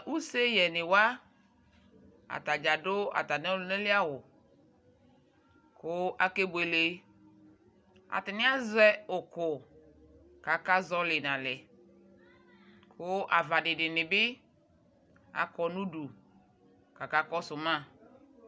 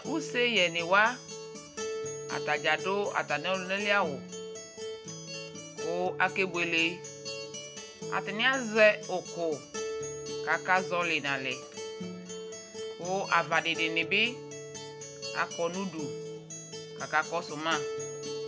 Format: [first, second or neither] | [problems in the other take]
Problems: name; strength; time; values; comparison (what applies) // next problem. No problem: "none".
first | background sound (Acoustic guitar); 8 dB below the speech